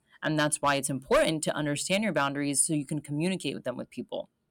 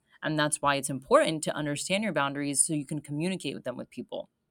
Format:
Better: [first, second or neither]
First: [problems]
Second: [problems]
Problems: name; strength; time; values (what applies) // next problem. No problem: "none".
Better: second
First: distortion; slight; 1.9% of the sound clipped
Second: none